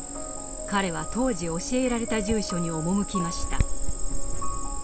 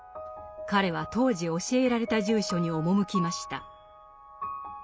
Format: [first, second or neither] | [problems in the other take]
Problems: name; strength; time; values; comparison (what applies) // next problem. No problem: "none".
second | background sound (Cricket); 2 dB above the speech